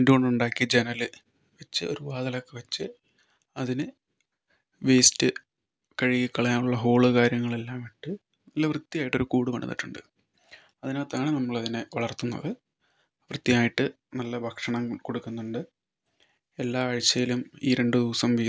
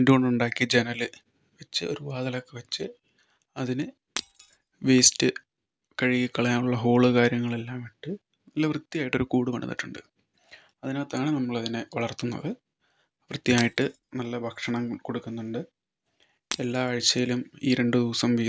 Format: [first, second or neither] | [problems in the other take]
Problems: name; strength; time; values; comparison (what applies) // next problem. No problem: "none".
first | background sound (Shatter); 12 dB below the speech